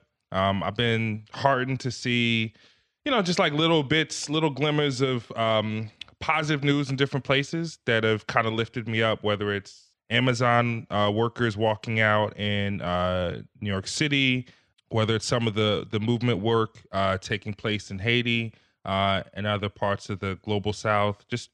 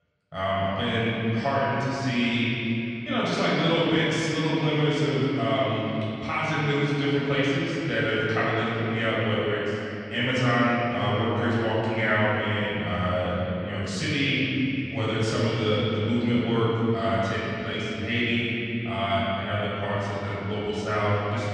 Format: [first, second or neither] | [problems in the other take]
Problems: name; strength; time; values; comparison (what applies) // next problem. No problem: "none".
first | off-mic speech; far // room echo; strong; dies away in 3 s